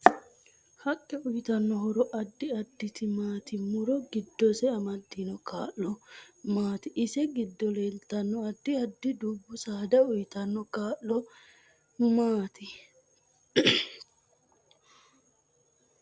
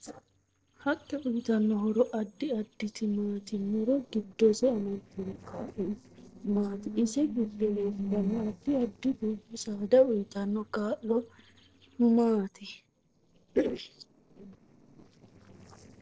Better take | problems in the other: first | noise reduction (neural separator model SepFormer DNS4)

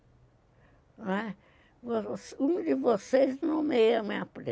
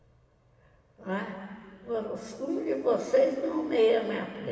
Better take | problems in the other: first | room echo; dies away in 2.5 s

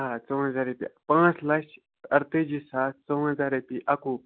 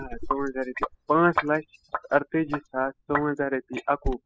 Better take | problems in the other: first | noise reduction (classical method spectral subtraction)

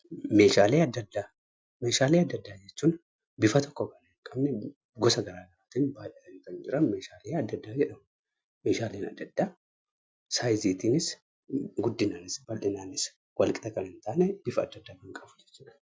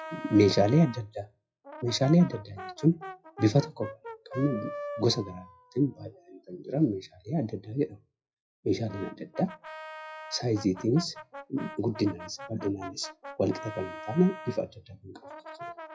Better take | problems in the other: first | noise reduction (classical method WPE with log-MMSE)

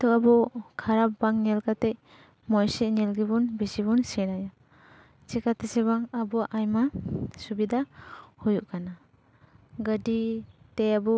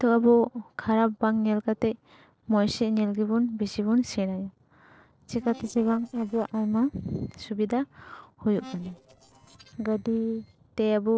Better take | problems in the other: first | noise reduction (neural separator model SepFormer DNS4)

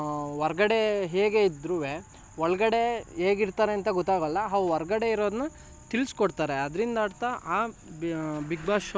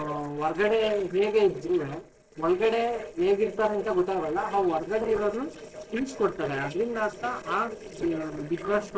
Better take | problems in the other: first | noise reduction (neural separator model SepFormer DNS4)

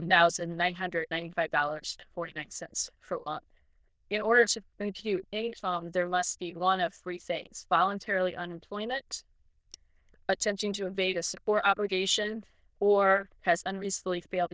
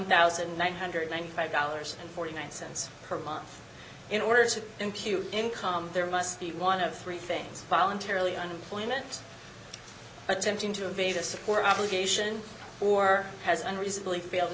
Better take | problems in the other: second | noise reduction (neural diffusion model UNIVERSE++)

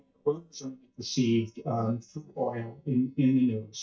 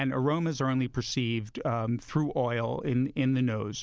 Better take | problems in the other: second | noise reduction (neural mask model DeepFilterNet 3)

